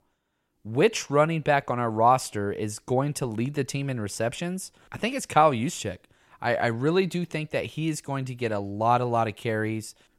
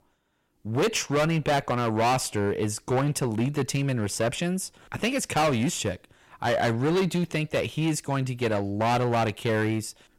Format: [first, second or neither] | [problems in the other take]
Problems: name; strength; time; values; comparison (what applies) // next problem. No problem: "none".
first | distortion; heavy; 13% of the sound clipped